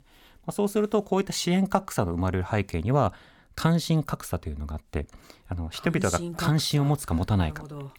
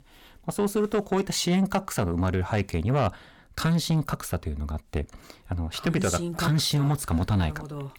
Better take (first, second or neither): first